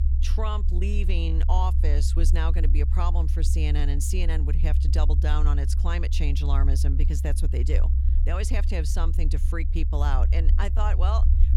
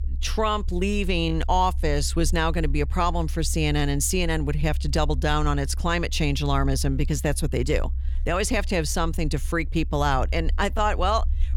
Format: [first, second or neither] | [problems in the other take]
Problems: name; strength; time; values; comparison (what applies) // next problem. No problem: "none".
second | low rumble; loud; throughout; 9 dB below the speech; faint in the second